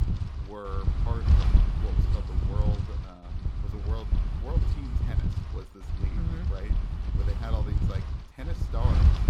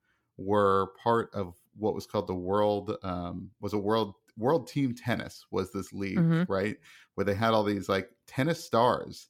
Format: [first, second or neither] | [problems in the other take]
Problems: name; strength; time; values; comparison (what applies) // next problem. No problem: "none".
second | wind noise on the microphone; heavy; 1 dB above the speech